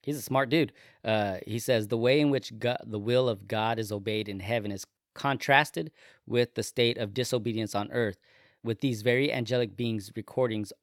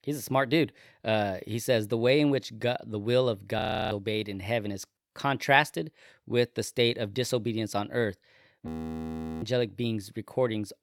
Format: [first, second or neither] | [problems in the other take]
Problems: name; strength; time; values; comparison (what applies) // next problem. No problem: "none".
first | audio freezing; at 3.5 s and at 8.5 s for 1 s